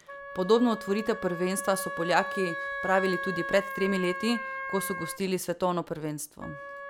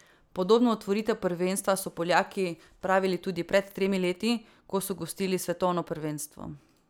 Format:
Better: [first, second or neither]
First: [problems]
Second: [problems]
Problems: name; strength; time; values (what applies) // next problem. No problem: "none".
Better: second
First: background sound (Wind instrument, woodwind instrument); 8 dB below the speech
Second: none